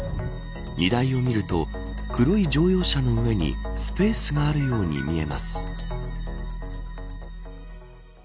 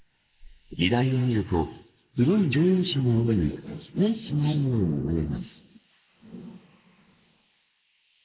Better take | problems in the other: first | noise reduction (neural mask model Resemble Enhance denoiser)

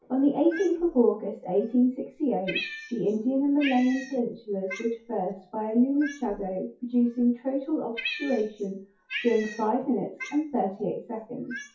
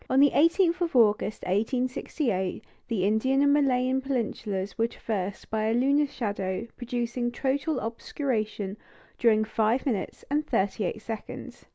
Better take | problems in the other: second | noise reduction (classical method WPE with log-MMSE)

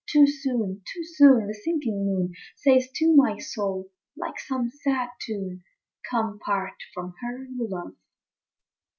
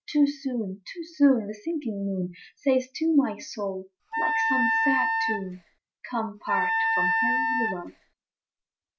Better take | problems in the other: first | background sound (Wind instrument, woodwind instrument); 2 dB above the speech

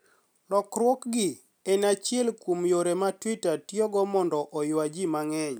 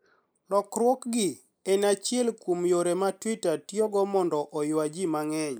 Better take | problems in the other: first | noise reduction (neural mask model Resemble Enhance denoiser)

